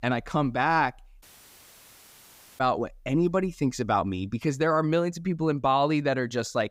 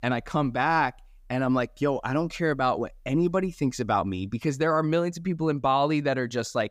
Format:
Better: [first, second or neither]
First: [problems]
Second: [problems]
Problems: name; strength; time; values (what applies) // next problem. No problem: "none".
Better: second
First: audio cutting out; at 1 s for 1.5 s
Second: none